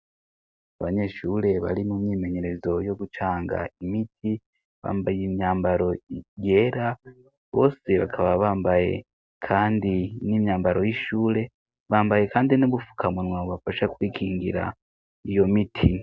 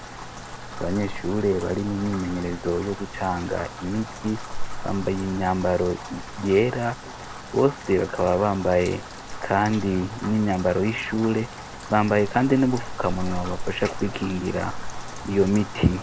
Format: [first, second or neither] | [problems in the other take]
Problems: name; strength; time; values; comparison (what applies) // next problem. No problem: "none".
first | background sound (Rain); 9 dB below the speech